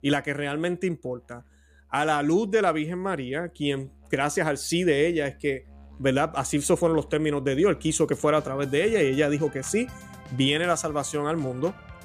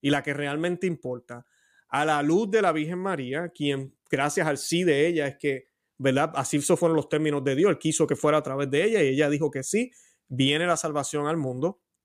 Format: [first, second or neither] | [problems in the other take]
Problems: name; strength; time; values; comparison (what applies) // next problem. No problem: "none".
second | background music; faint; throughout; 20 dB below the speech